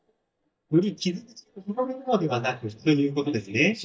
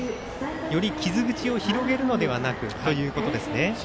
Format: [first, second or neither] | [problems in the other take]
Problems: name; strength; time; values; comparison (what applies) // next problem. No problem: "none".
second | noise reduction (neural mask model DeepFilterNet 3)